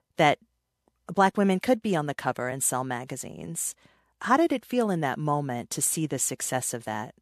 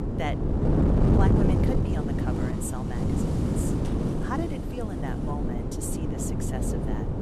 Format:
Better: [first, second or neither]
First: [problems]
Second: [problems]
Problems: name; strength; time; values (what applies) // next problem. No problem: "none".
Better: first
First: none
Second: wind noise on the microphone; heavy; 4 dB above the speech